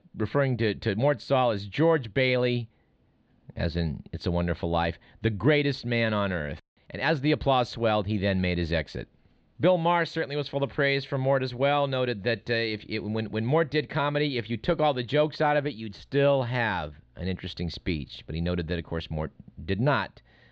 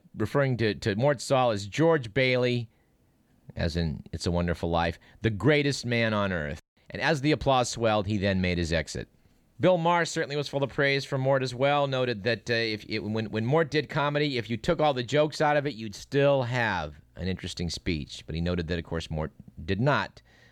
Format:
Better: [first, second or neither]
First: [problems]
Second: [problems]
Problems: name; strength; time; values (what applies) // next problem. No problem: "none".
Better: second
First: muffled; very slightly; fading above 4 kHz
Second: none